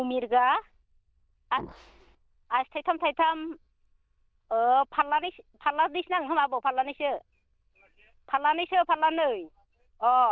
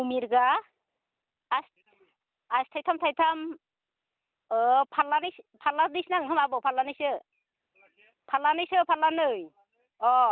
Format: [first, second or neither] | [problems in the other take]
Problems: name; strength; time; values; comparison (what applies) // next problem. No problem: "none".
second | noise reduction (neural diffusion model UNIVERSE++)